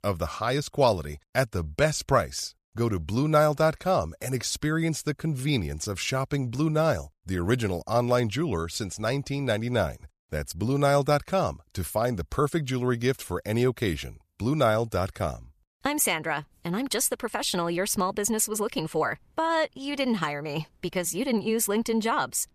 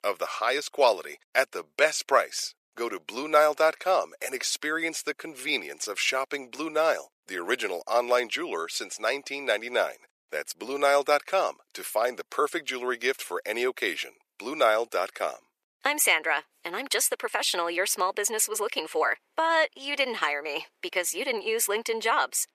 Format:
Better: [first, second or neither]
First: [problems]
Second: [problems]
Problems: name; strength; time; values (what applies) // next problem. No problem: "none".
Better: first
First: none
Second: thin; very; fading below 400 Hz